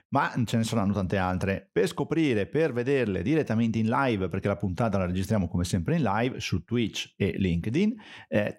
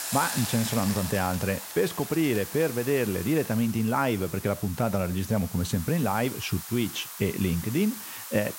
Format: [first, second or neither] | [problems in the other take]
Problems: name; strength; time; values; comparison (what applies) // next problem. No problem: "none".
first | hiss; loud; throughout; 9 dB below the speech